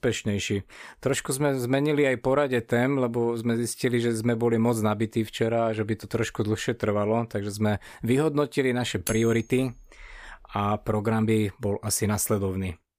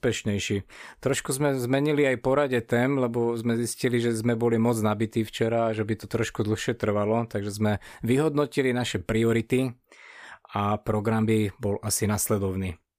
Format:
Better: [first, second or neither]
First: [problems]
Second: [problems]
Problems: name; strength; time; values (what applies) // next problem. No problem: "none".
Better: second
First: clattering dishes; noticeable; from 9 to 10 s; peak 8 dB below the speech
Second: none